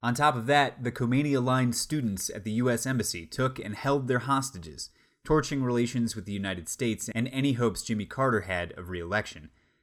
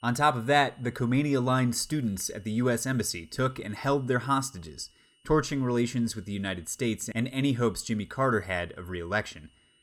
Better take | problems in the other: first | high-pitched whine; faint; throughout; 3 kHz, 35 dB below the speech

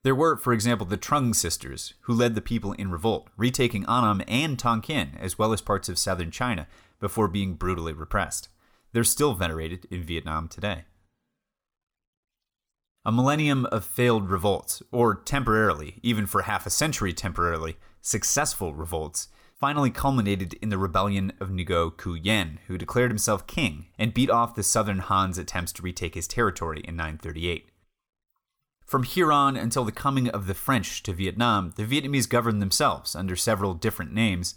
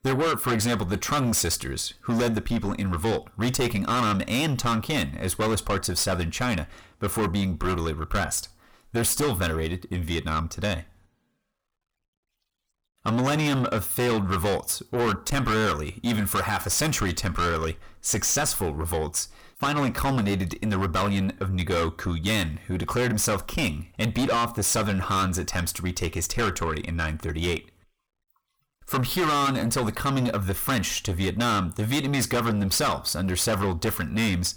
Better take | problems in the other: first | distortion; heavy; 6 dB below the speech

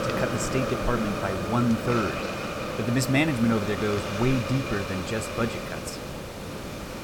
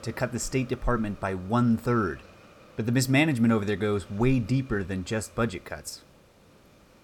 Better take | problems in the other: second | hiss; loud; throughout; 4 dB below the speech; faint in the second

